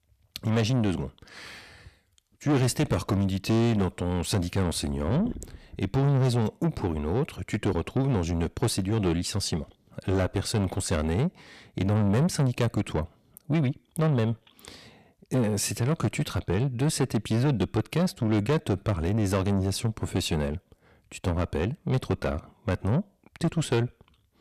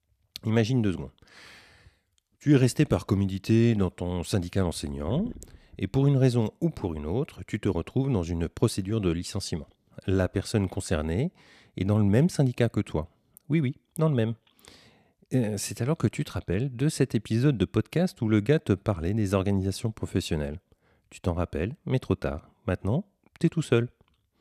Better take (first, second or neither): second